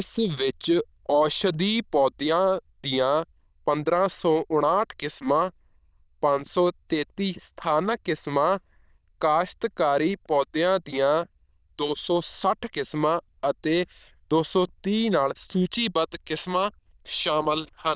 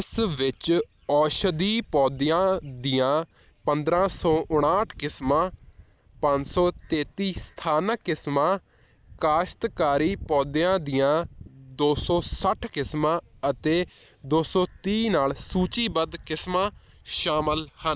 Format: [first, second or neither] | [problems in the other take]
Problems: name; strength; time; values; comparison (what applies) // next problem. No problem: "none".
second | noise reduction (neural diffusion model UNIVERSE++)